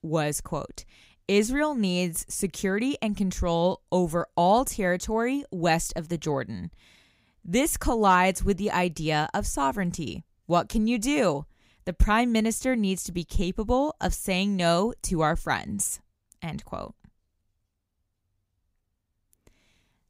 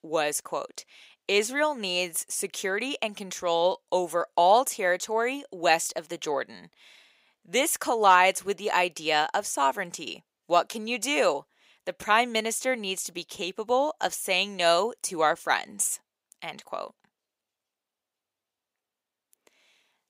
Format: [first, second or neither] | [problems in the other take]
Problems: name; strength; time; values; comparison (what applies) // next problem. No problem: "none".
first | thin; somewhat; fading below 550 Hz